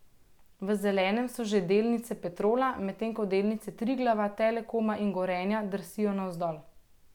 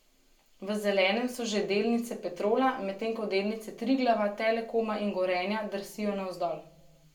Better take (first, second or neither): first